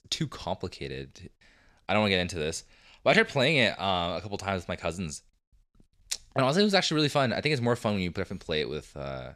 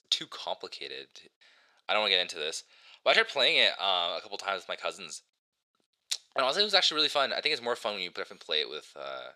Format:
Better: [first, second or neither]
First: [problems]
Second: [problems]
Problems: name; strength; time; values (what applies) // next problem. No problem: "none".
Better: first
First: none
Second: thin; very; fading below 550 Hz